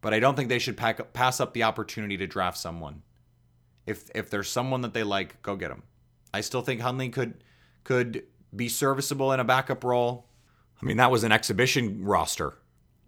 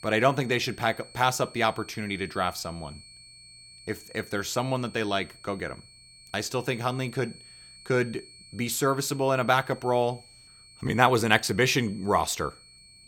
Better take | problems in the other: first | high-pitched whine; faint; throughout; 4.5 kHz, 20 dB below the speech

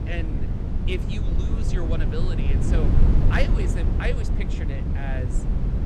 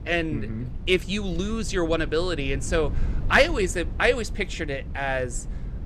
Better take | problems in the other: second | low rumble; loud; throughout; 2 dB below the speech; faint in the second

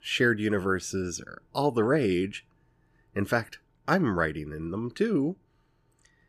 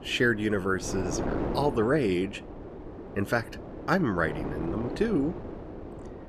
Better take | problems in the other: first | wind noise on the microphone; heavy; 10 dB below the speech

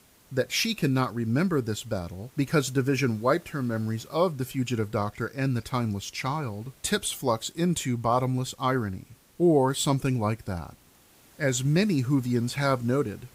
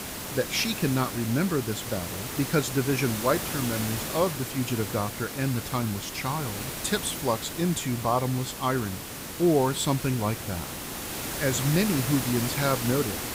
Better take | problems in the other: first | hiss; loud; throughout; 5 dB below the speech; faint in the first

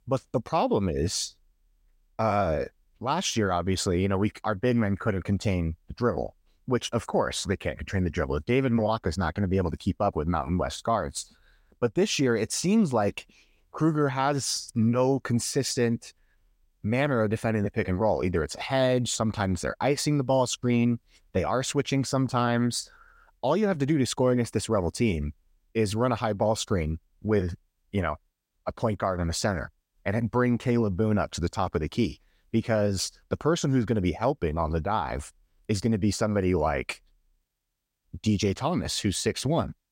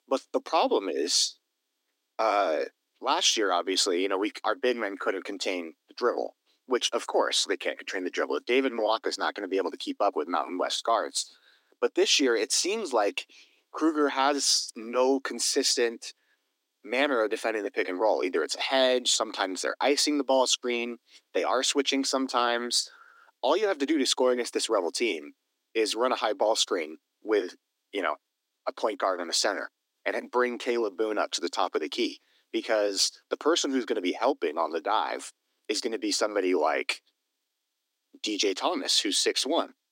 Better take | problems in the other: first | thin; somewhat; fading below 250 Hz

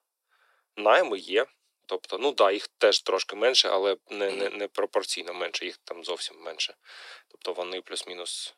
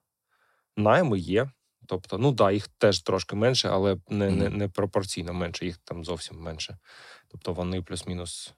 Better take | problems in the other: second | thin; very; fading below 350 Hz

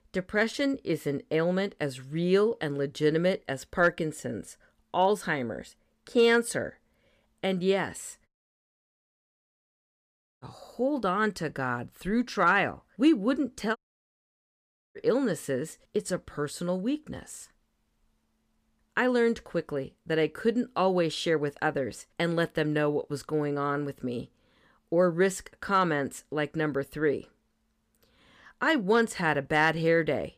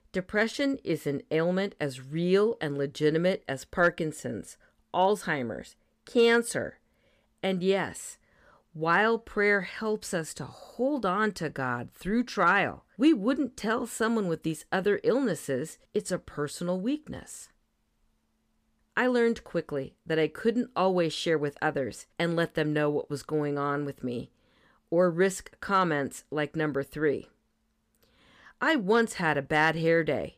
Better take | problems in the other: second | audio cutting out; at 8.5 s for 2 s and at 14 s for 1 s

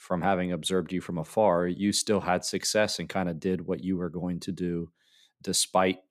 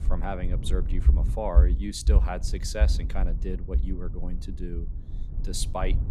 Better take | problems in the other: first | low rumble; noticeable; throughout; 10 dB below the speech

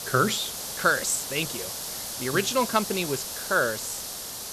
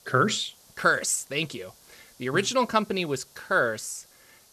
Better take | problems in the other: second | hiss; loud; throughout; 5 dB below the speech; faint in the second

